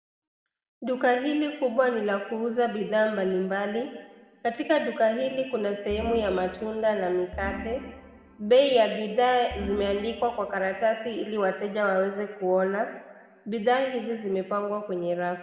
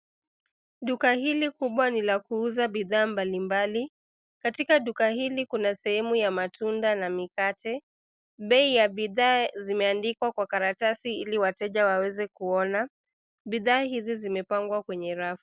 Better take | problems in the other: second | background sound (Organ); 13 dB below the speech // room echo; dies away in 1.3 s

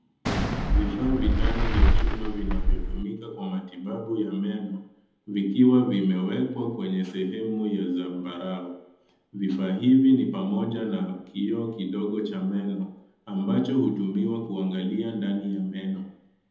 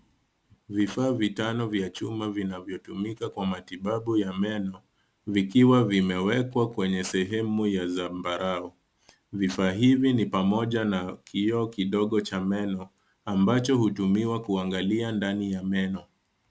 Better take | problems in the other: second | background sound (Fireworks); 5 dB above the speech // room echo; dies away in 0.8 s

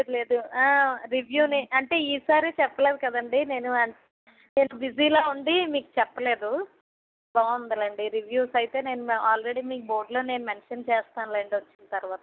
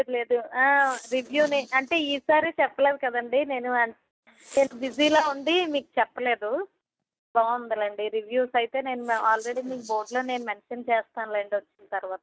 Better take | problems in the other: first | noise reduction (neural mask model RNNoise)

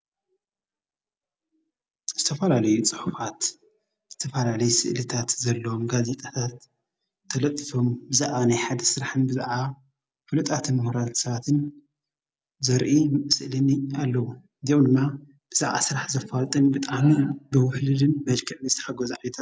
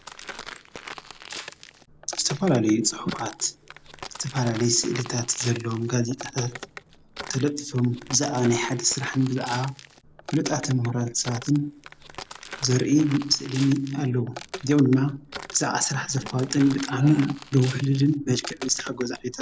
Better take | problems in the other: first | background sound (Walk, footsteps); 15 dB below the speech

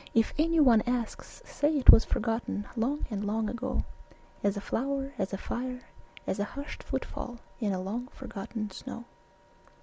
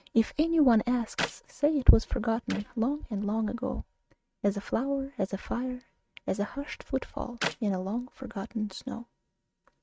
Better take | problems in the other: first | noise reduction (neural mask model RNNoise)

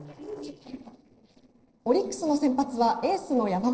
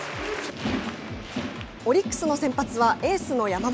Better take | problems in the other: second | noise reduction (neural separator model SepFormer DNS4)

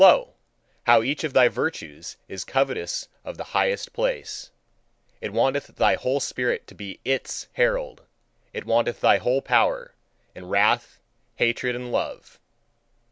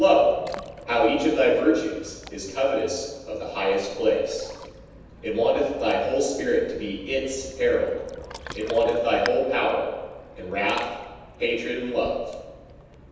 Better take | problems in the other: first | background sound (Ocean); 18 dB below the speech // room echo; dies away in 1.1 s

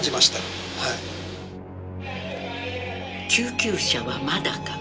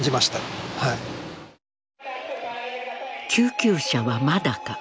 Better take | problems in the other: second | background sound (Musical instrument); 9 dB below the speech // room echo; dies away in 0.2 s

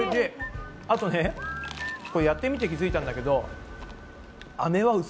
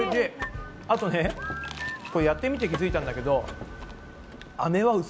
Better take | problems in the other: first | background sound (Mechanisms / Car); 18 dB below the speech

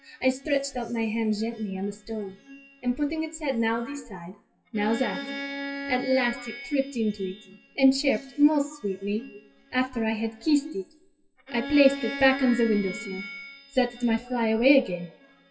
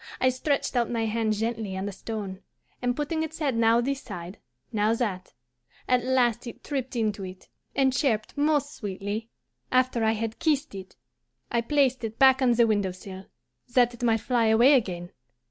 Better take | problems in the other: second | noise reduction (classical method WPE with log-MMSE)

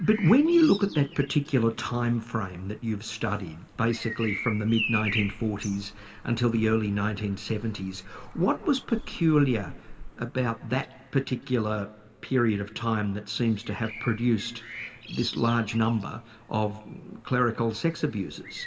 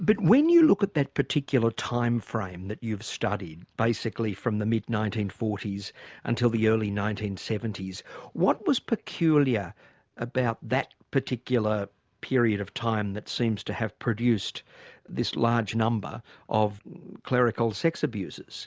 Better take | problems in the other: second | background sound (Bird vocalization, bird call, bird song); 14 dB below the speech // room echo; dies away in 1.8 s

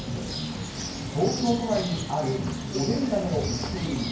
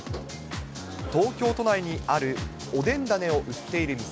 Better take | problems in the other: second | background sound (Bird); 8 dB below the speech // room echo; dies away in 0.9 s

